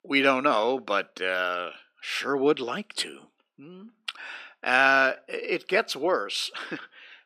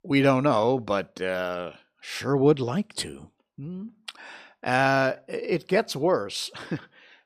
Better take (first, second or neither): second